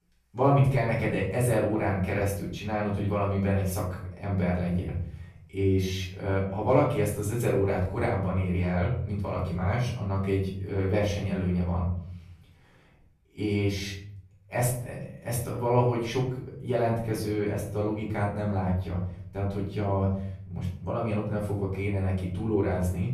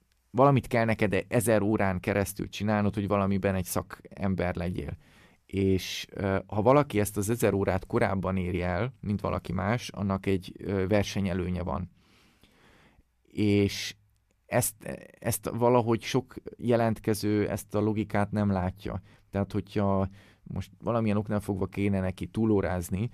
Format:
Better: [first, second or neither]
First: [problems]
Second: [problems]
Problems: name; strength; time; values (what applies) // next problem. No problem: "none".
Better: second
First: off-mic speech; far // room echo; noticeable; dies away in 0.8 s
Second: none